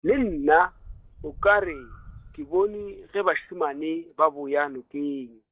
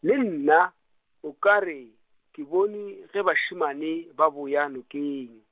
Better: second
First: noise reduction (neural mask model DeepFilterNet 3)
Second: none

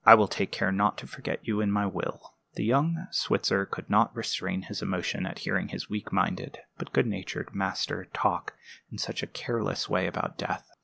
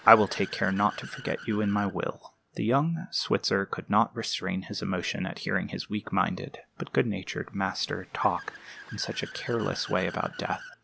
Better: first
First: none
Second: background sound (Accelerating, revving, vroom / Car); 20 dB below the speech

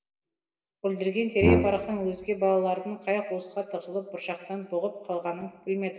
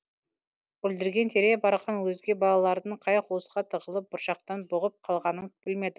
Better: second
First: background sound (Brass instrument); 2 dB above the speech // room echo; dies away in 1.1 s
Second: none

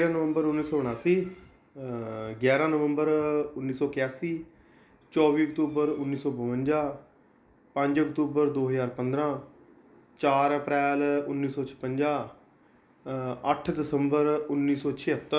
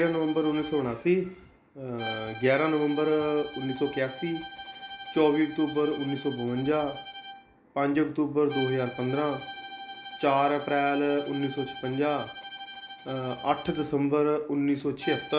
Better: first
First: none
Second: background sound (Bowed string instrument); 14 dB below the speech

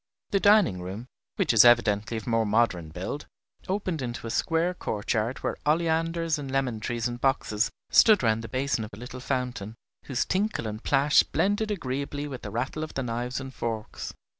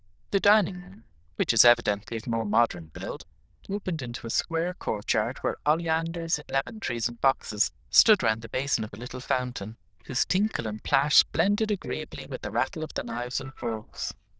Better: first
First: none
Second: noise reduction (neural diffusion model UNIVERSE++)

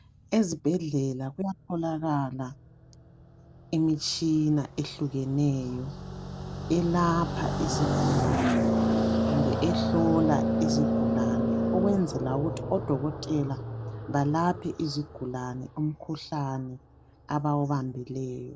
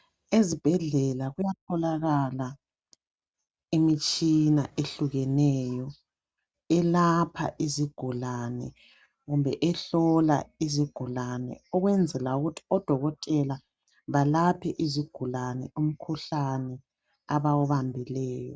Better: second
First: background sound (Car passing by); 1 dB below the speech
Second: none

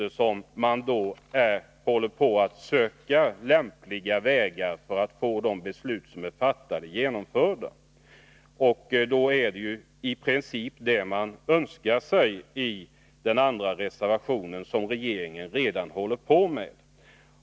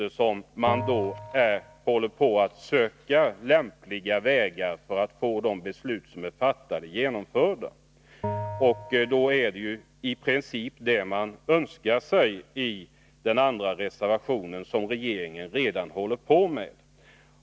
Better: first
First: none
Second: background sound (Bell); 11 dB below the speech

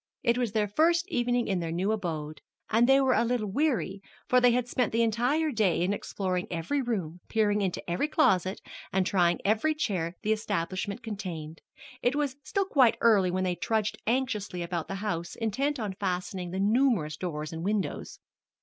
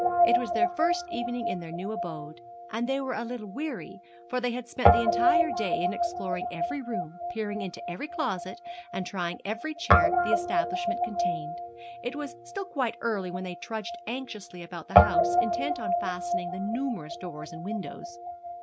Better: first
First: none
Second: background sound (Guitar); 5 dB above the speech

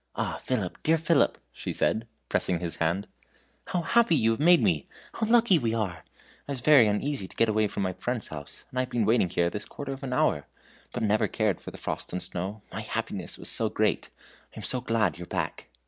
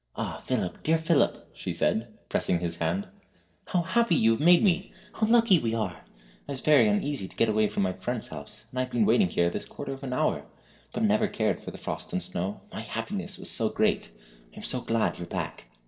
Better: first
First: none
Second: noise reduction (neural separator model SepFormer DNS4)

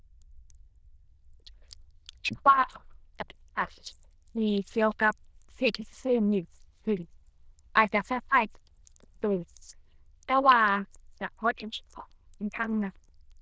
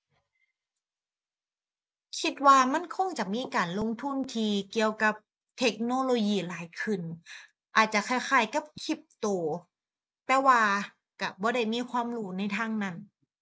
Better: second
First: noise reduction (neural diffusion model UNIVERSE++)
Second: none

